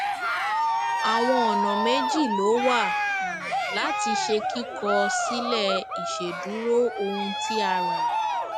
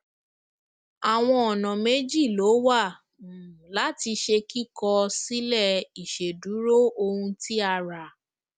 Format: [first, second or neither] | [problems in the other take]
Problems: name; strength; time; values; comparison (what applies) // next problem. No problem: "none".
second | background sound (Cheering); 1 dB above the speech